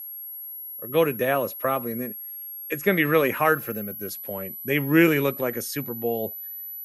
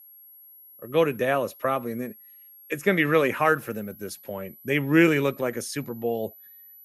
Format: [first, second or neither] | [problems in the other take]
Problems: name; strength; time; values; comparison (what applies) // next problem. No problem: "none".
second | high-pitched whine; loud; throughout; 11.5 kHz, 10 dB below the speech; faint in the second